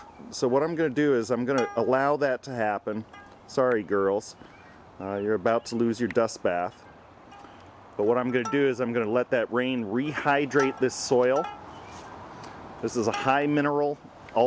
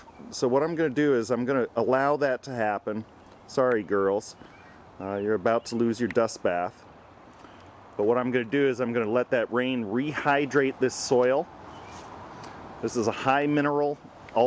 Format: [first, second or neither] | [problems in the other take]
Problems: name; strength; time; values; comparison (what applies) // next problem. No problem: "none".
second | background sound (Plucked string instrument); 19 dB below the speech